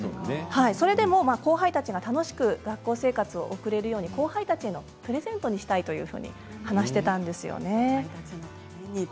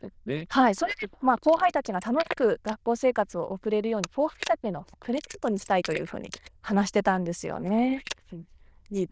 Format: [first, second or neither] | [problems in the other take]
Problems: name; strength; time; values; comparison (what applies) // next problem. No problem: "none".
first | noise reduction (neural diffusion model UNIVERSE++)